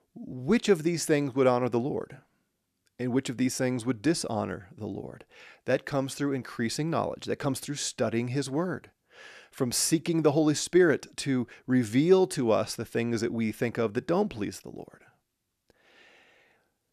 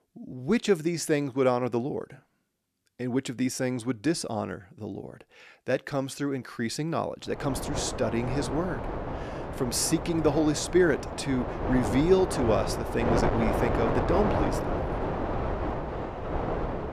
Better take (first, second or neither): first